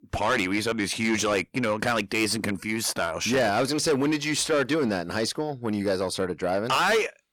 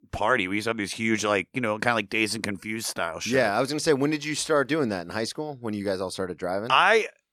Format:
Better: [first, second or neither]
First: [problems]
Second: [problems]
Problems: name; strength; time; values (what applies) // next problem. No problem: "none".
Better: second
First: distortion; heavy; 7 dB below the speech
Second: none